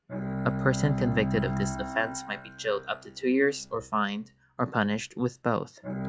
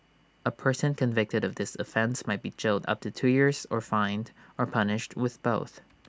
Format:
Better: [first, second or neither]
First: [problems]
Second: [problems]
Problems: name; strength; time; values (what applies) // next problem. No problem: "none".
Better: second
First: noise reduction (classical method log-MMSE)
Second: none